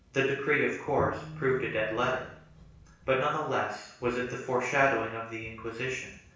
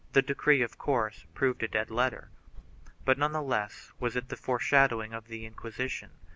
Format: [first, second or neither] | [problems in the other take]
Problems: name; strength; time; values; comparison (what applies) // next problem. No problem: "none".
second | background sound (Bowed string instrument); 13 dB below the speech // room echo; dies away in 0.7 s